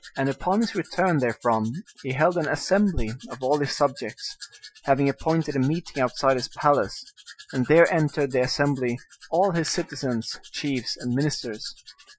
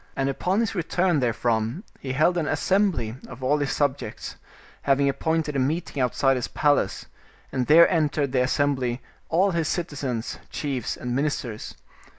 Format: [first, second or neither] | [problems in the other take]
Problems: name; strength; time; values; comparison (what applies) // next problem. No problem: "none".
second | noise reduction (classical method Wiener filter)